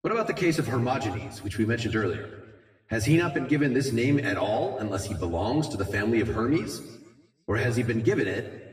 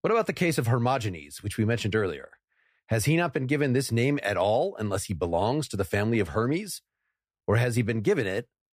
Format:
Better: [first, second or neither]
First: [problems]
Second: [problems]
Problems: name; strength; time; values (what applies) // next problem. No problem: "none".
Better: second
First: room echo; slight; dies away in 1.1 s // off-mic speech; far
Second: none